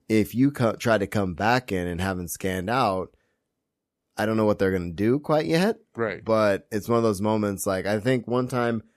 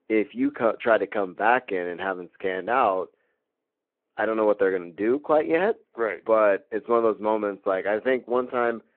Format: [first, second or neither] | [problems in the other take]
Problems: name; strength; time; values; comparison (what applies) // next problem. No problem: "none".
first | phone-call audio